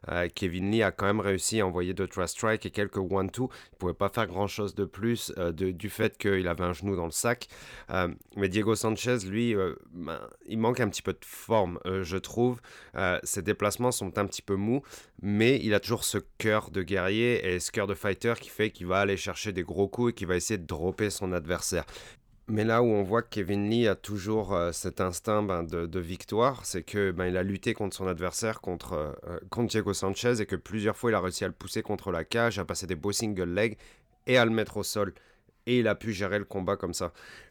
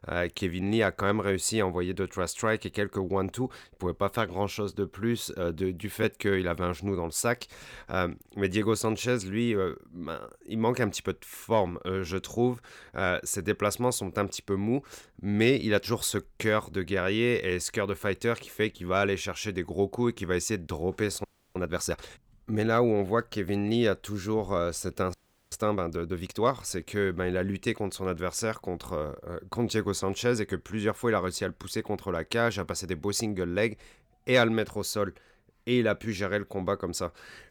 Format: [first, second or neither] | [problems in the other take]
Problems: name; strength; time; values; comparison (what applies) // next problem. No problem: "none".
first | audio freezing; at 21 s and at 25 s